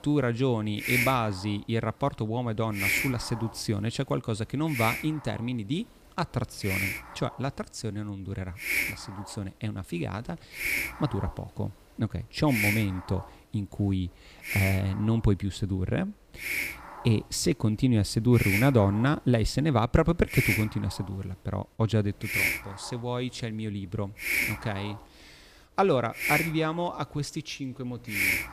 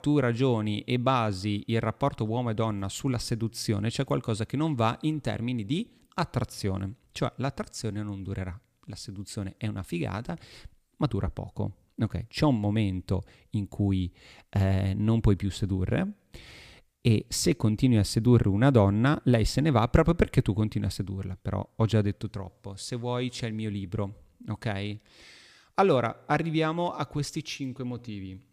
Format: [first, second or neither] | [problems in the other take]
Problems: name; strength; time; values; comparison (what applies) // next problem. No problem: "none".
second | hiss; loud; throughout; 1 dB below the speech